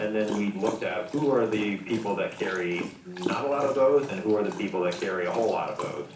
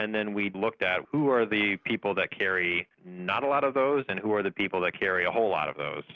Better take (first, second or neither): second